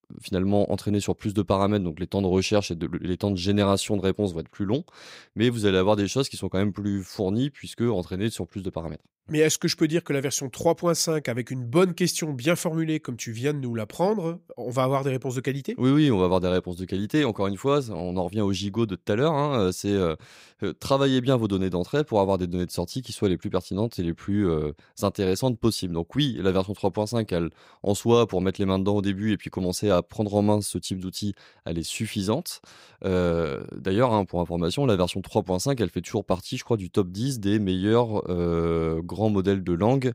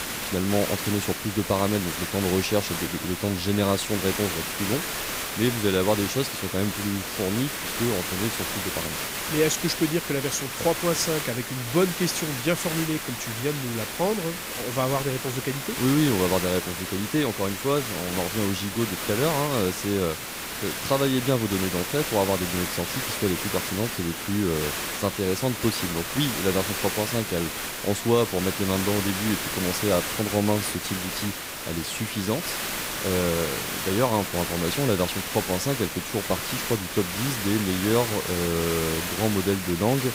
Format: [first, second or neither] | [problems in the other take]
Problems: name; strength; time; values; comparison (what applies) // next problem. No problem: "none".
first | hiss; loud; throughout; 2 dB below the speech